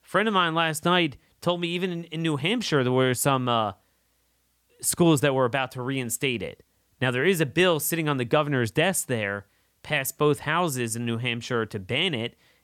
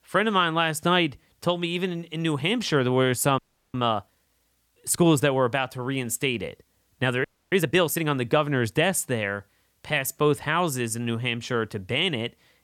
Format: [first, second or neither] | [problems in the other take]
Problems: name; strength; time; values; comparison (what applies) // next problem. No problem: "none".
first | audio freezing; at 3.5 s and at 7 s